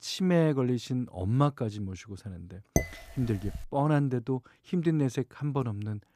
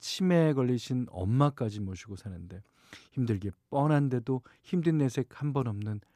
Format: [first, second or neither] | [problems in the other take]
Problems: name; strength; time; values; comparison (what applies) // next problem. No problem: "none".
second | clattering dishes; noticeable; at 3 s; peak 2 dB below the speech